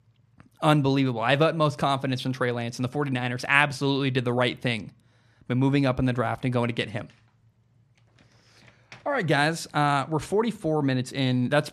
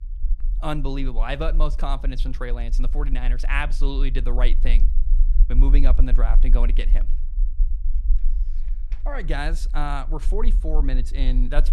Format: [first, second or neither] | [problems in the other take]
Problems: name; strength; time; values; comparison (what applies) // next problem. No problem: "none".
first | low rumble; noticeable; throughout; 20 dB below the speech